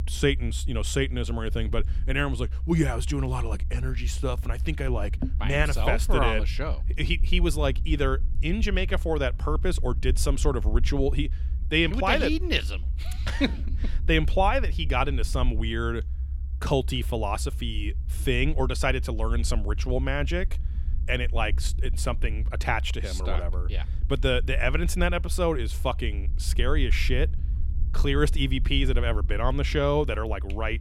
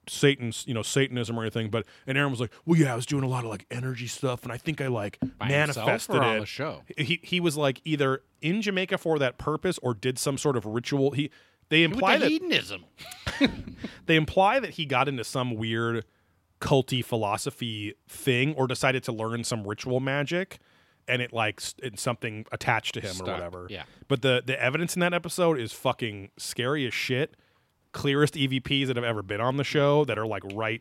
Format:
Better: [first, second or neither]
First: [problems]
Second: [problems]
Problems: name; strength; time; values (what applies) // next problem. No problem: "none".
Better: second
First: low rumble; faint; throughout; 20 dB below the speech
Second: none